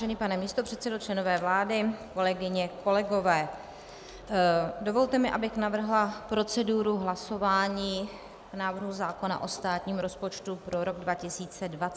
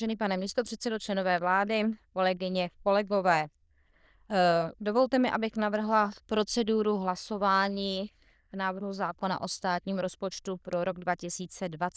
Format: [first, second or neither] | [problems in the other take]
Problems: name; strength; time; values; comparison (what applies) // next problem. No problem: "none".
first | noise reduction (neural diffusion model UNIVERSE++)